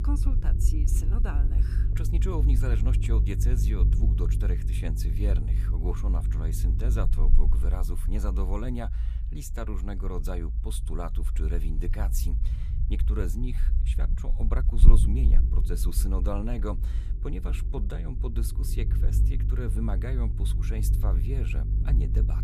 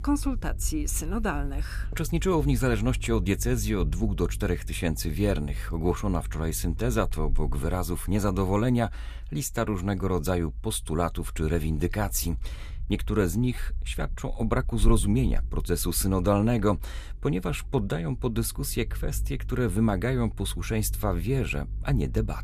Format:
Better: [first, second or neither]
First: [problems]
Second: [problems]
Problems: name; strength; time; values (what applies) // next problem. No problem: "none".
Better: second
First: low rumble; loud; throughout; 5 dB below the speech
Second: low rumble; faint; throughout; 25 dB below the speech